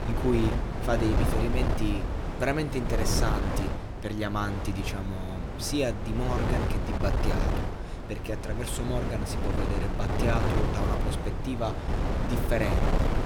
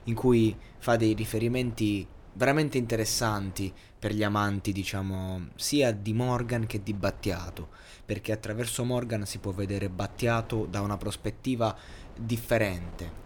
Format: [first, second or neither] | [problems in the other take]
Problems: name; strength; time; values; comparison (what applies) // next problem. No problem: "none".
second | wind noise on the microphone; heavy; 1 dB below the speech; occasional gusts in the second